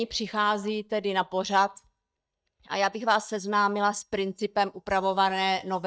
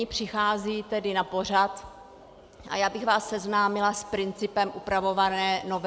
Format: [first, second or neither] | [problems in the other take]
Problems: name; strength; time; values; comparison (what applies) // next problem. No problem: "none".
second | noise reduction (neural mask model DeepFilterNet 3)